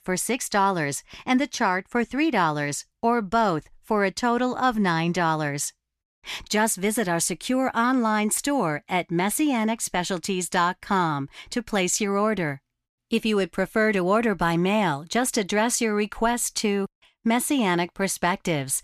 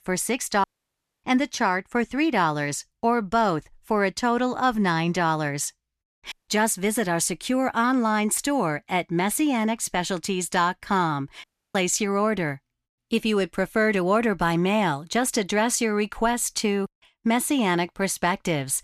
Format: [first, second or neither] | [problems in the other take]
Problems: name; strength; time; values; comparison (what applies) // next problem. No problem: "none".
first | audio cutting out; at 0.5 s for 0.5 s, at 6.5 s and at 11 s